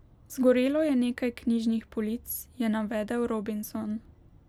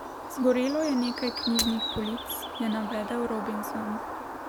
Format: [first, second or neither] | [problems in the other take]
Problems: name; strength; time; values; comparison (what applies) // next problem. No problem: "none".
first | background sound (Shatter + Bird); 5 dB below the speech